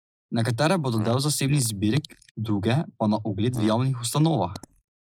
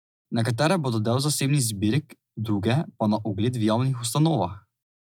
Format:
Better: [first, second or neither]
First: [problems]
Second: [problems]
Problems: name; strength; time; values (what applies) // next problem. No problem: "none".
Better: second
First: noise reduction (neural mask model Resemble Enhance denoiser)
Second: none